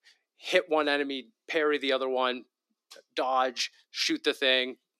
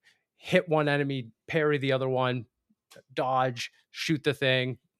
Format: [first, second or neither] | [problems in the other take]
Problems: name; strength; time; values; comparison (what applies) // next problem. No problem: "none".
second | thin; very slightly; fading below 250 Hz